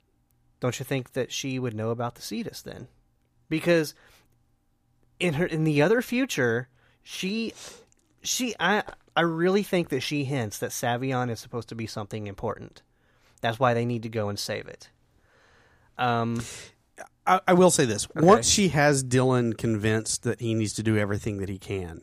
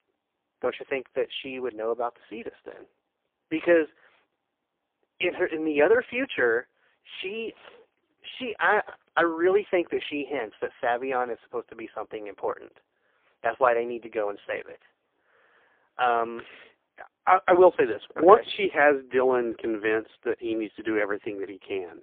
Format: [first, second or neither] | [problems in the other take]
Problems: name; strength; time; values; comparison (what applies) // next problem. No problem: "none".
first | phone-call audio; poor line; nothing above 3.5 kHz